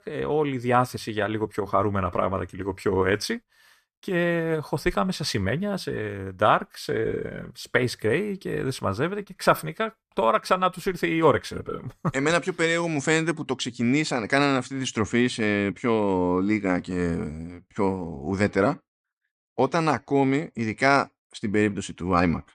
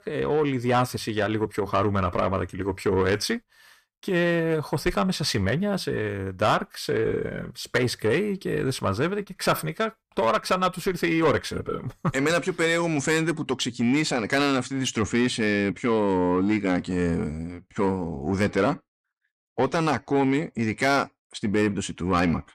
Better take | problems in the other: first | distortion; slight; 10 dB below the speech

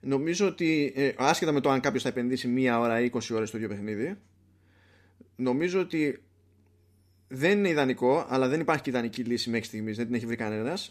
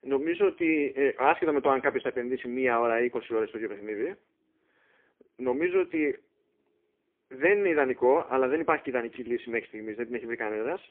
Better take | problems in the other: first | phone-call audio; poor line

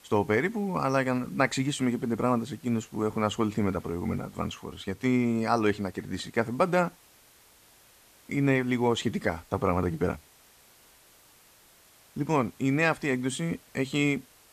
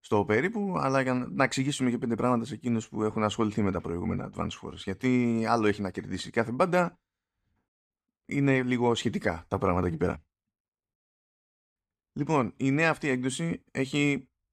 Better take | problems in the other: second | hiss; faint; throughout; 25 dB below the speech

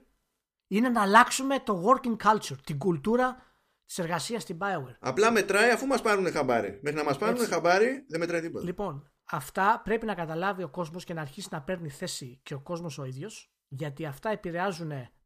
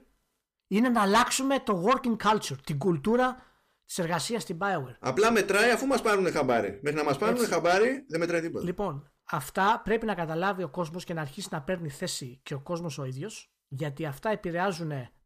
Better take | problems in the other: first | distortion; slight; 10 dB below the speech

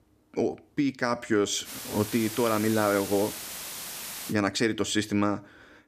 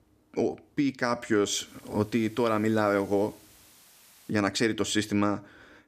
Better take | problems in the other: second | hiss; loud; from 1.5 to 4.5 s; 8 dB below the speech; faint in the second

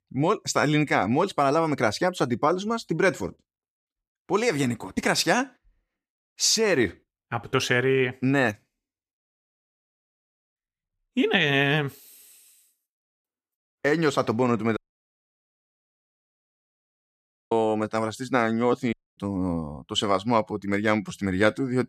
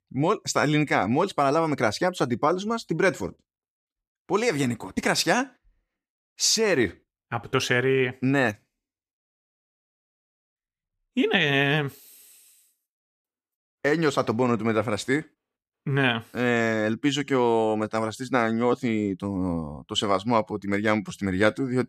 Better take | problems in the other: second | audio cutting out; at 15 s for 2.5 s and at 19 s

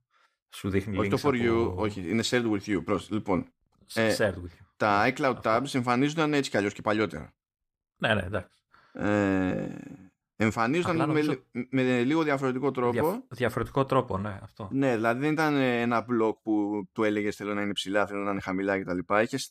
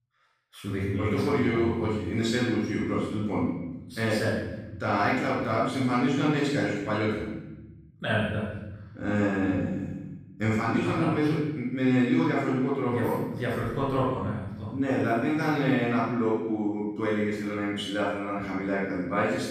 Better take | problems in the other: first | off-mic speech; far // room echo; strong; dies away in 1.3 s

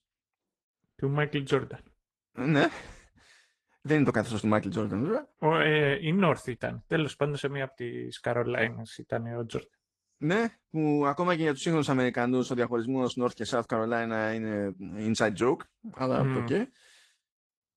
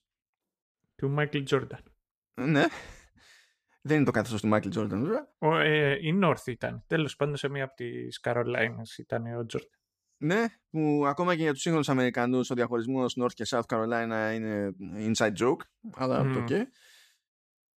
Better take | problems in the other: second | garbled, watery; slightly

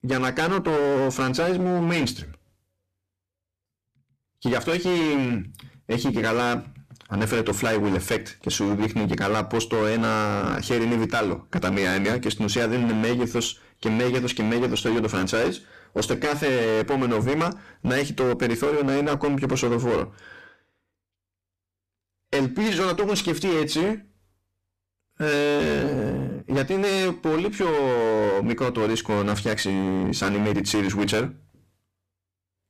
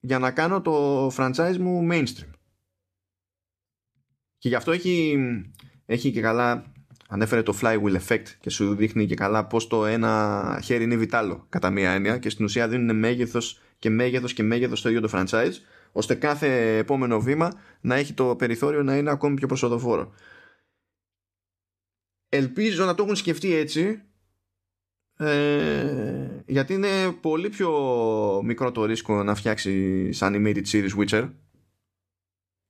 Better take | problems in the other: second | distortion; heavy; 21% of the sound clipped

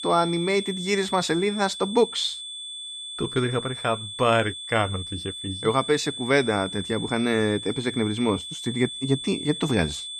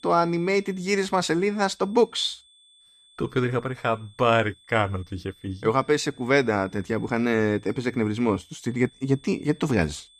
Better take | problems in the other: second | high-pitched whine; loud; throughout; 3.5 kHz, 8 dB below the speech; faint in the second

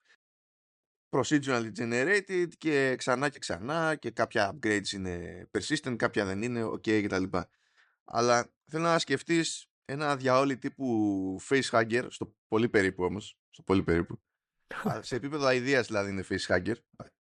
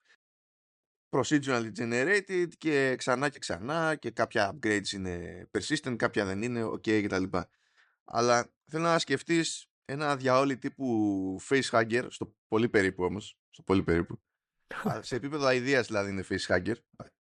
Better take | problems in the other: neither | none

